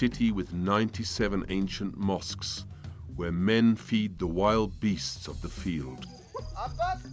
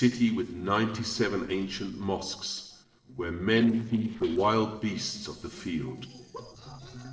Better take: first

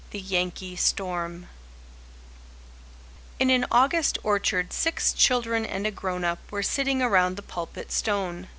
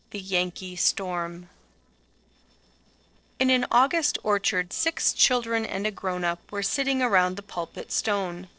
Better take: first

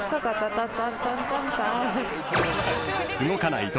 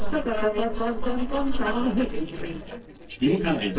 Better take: first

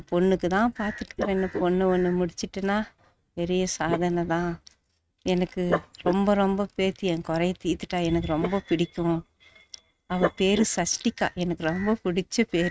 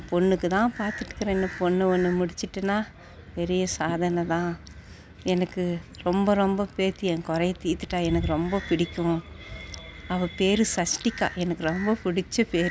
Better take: second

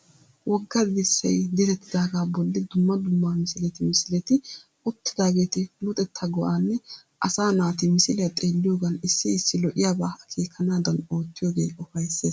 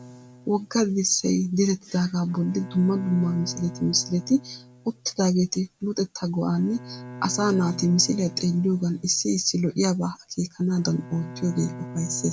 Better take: first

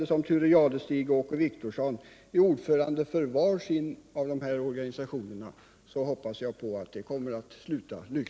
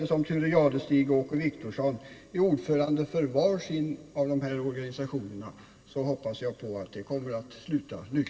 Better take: first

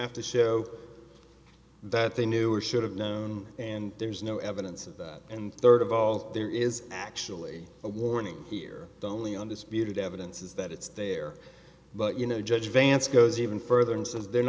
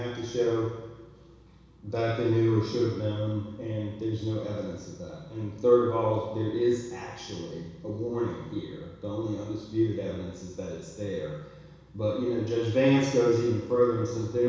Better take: first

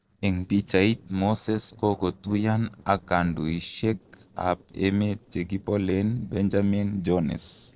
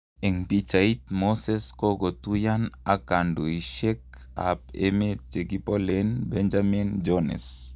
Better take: second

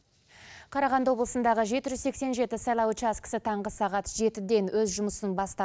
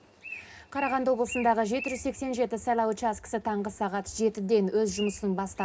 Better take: first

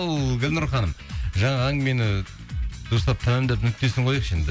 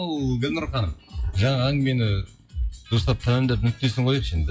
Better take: first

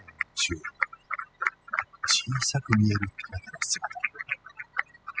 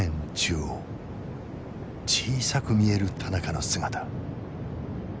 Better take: second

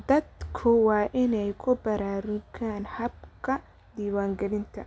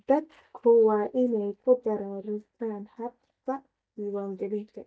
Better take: first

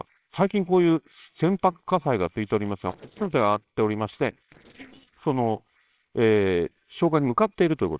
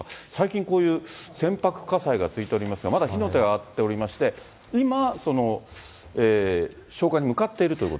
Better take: second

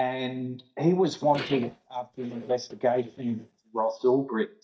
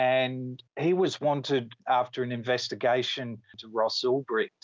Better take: second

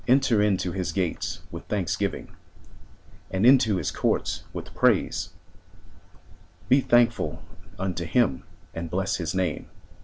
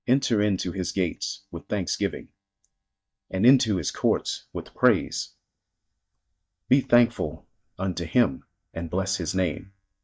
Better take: first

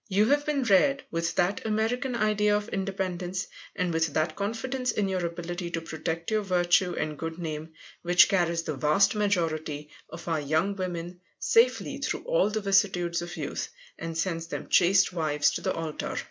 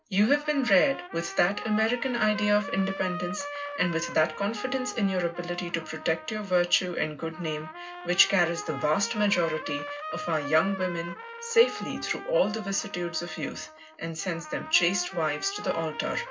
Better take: first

